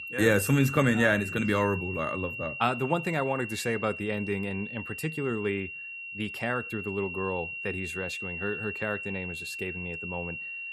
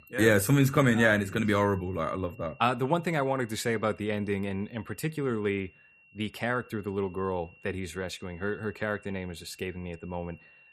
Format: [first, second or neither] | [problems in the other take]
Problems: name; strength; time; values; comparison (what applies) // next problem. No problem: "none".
second | high-pitched whine; loud; throughout; 2.5 kHz, 6 dB below the speech; faint in the second